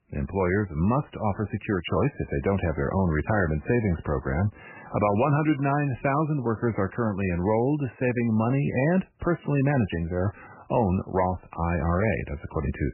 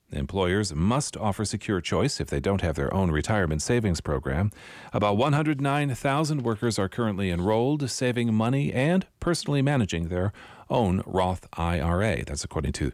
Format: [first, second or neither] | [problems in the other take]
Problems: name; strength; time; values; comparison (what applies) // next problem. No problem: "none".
second | garbled, watery; badly; nothing above 3 kHz